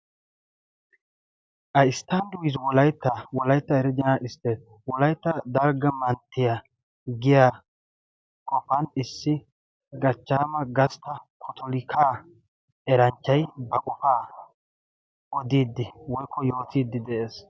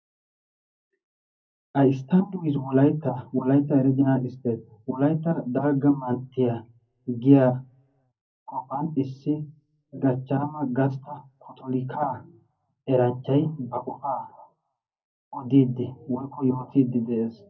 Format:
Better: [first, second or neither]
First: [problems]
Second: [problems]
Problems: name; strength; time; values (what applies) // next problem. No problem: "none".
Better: first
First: none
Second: room echo; dies away in 0.4 s